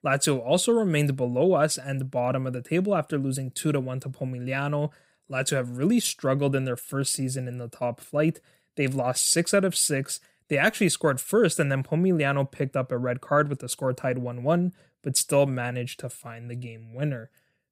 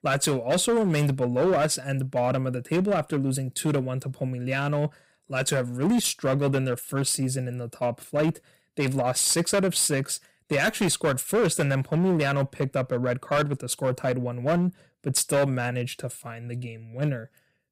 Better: first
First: none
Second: distortion; slight; 8% of the sound clipped

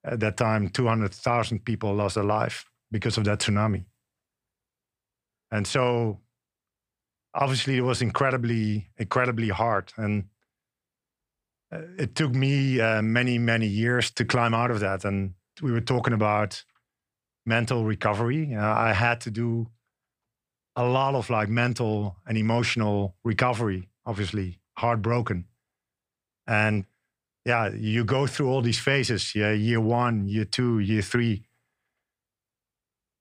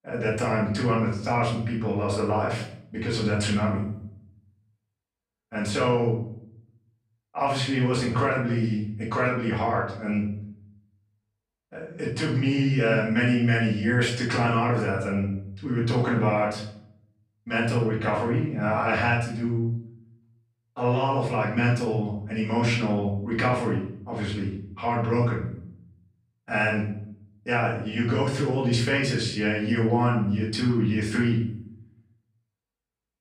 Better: first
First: none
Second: off-mic speech; far // room echo; noticeable; dies away in 0.5 s

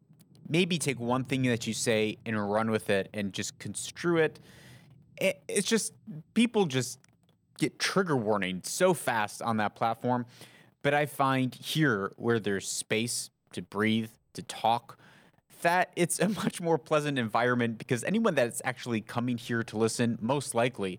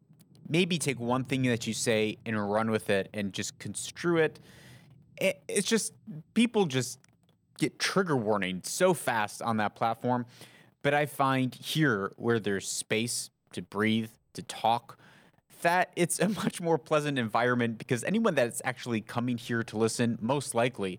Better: neither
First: rain or running water; faint; throughout; 25 dB below the speech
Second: rain or running water; faint; throughout; 25 dB below the speech

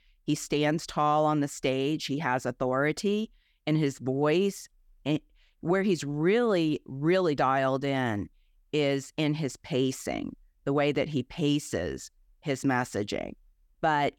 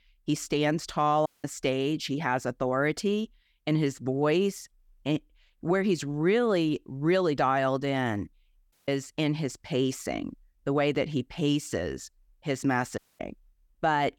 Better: first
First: none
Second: audio cutting out; at 1.5 s, at 8.5 s and at 13 s

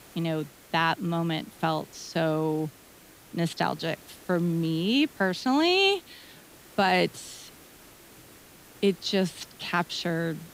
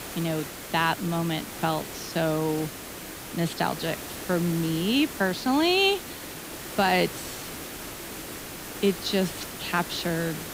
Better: first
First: hiss; faint; throughout; 25 dB below the speech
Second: hiss; loud; throughout; 9 dB below the speech

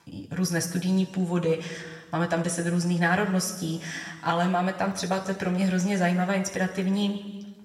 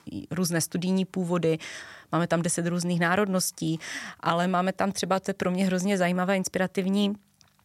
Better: second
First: room echo; slight; dies away in 1.2 s // off-mic speech; somewhat distant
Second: none

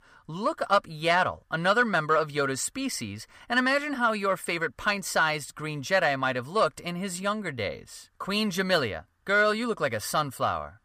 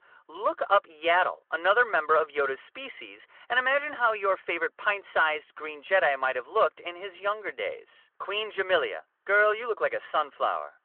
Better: first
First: none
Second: phone-call audio

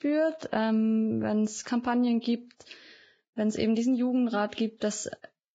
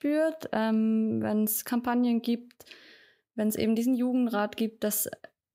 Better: second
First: garbled, watery; badly; nothing above 7.5 kHz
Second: none

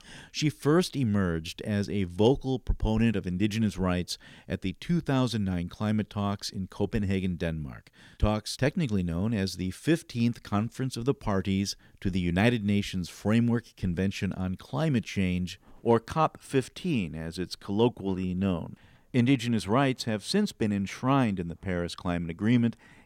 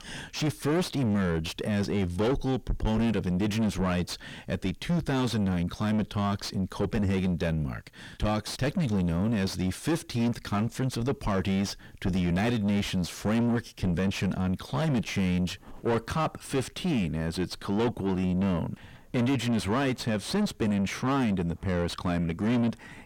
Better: first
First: none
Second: distortion; heavy; 5 dB below the speech

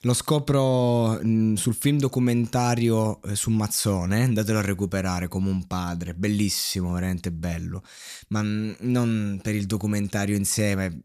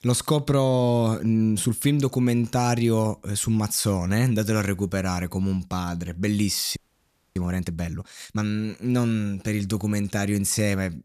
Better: first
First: none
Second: audio freezing; at 7 s for 0.5 s

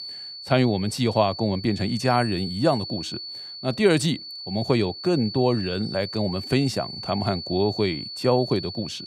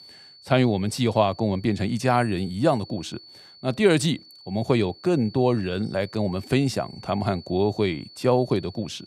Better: second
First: high-pitched whine; loud; throughout; 4.5 kHz, 9 dB below the speech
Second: high-pitched whine; faint; throughout; 4.5 kHz, 20 dB below the speech

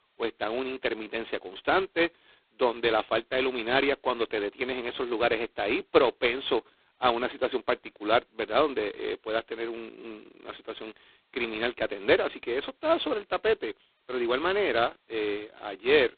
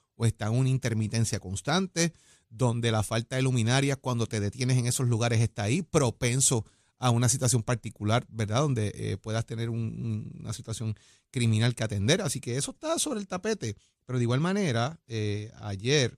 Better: second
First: phone-call audio; poor line; nothing above 4 kHz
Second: none

